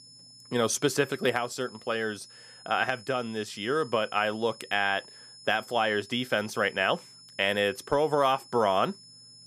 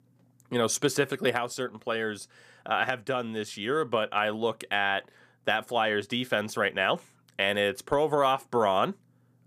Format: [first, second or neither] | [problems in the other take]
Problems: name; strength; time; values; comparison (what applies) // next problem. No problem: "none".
second | high-pitched whine; faint; throughout; 5 kHz, 20 dB below the speech